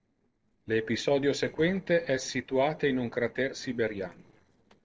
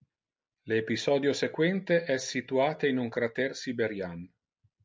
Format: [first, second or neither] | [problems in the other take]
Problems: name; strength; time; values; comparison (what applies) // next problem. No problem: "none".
second | noise reduction (neural separator model SepFormer DNS4)